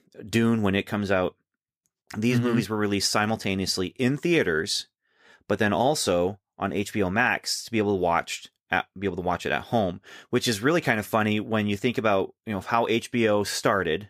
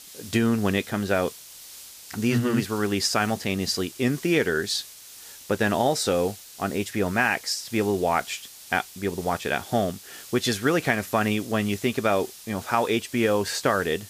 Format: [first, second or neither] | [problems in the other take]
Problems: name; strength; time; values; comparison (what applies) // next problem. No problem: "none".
first | hiss; noticeable; throughout; 15 dB below the speech